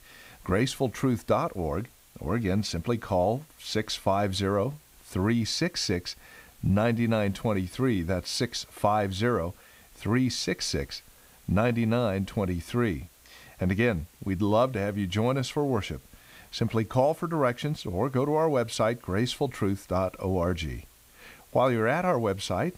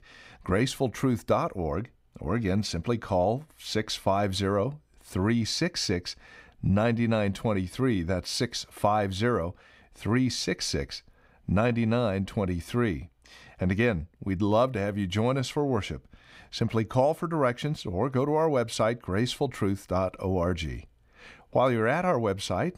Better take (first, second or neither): second